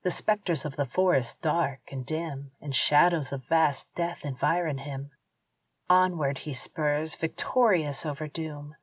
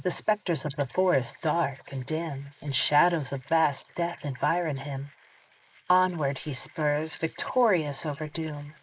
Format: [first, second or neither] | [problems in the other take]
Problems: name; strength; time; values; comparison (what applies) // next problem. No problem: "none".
first | noise reduction (neural mask model Resemble Enhance denoiser)